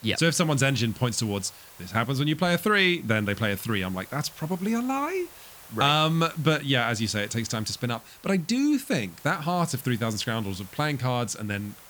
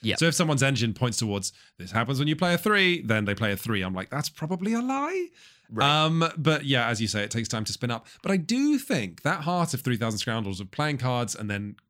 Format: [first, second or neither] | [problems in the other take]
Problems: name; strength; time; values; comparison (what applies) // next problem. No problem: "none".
second | hiss; faint; throughout; 20 dB below the speech